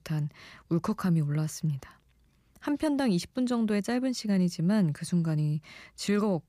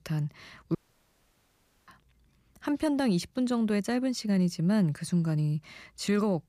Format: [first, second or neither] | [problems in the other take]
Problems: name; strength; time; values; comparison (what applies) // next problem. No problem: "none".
first | audio cutting out; at 1 s for 1 s